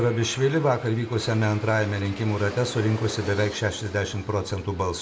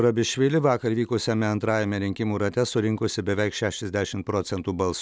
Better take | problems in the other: second | background sound (Aircraft); 15 dB below the speech // room echo; dies away in 0.5 s

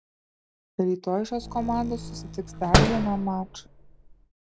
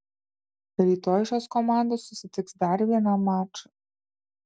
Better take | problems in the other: second | background sound (Slam); 1 dB above the speech

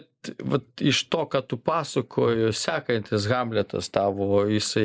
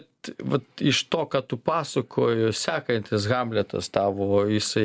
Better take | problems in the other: second | noise reduction (neural mask model Resemble Enhance denoiser)

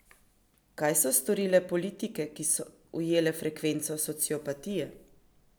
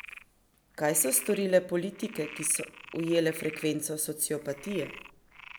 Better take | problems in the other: first | background sound (Frog); 16 dB below the speech

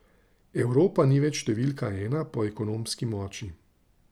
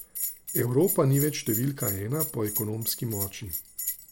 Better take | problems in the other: first | background sound (Bell); 6 dB below the speech

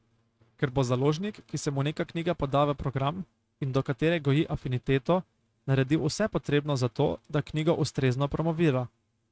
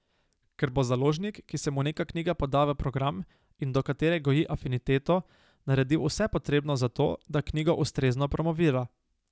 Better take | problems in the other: second | noise reduction (neural mask model RNNoise)

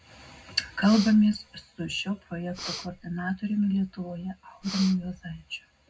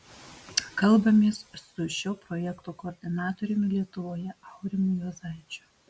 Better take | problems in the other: second | background sound (Breathing); 13 dB below the speech // room echo; dies away in 0.3 s

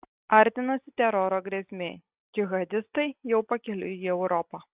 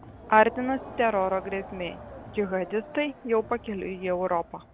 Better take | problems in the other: first | background sound (Crowd); 16 dB below the speech

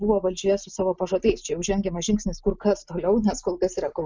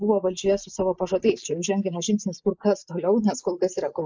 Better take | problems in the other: first | noise reduction (neural mask model Resemble Enhance denoiser)

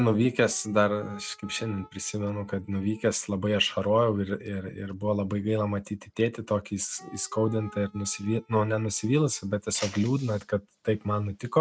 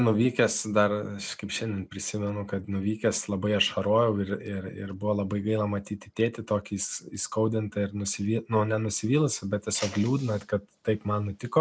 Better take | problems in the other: second | noise reduction (neural mask model RNNoise)

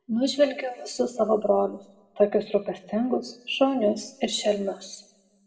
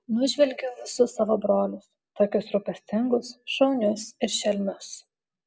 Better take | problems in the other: second | room echo; dies away in 0.7 s

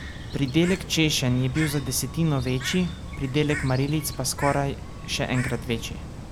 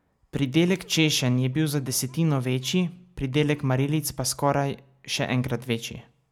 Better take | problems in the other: second | background sound (Bird); 9 dB below the speech

